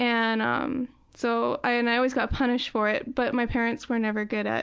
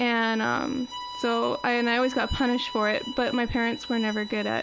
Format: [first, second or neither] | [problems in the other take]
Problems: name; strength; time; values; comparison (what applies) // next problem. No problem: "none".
first | background sound (Bowed string instrument); 13 dB below the speech